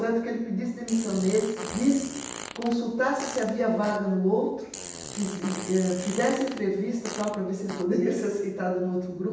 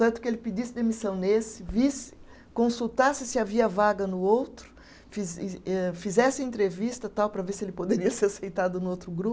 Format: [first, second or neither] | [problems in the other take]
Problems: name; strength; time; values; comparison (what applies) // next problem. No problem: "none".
second | background sound (Fart); 12 dB below the speech // room echo; dies away in 0.9 s